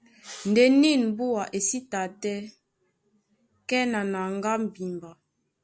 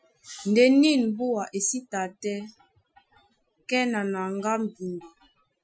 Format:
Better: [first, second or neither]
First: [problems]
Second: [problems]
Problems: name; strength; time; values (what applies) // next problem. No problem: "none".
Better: first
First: none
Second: noise reduction (classical method Wiener filter)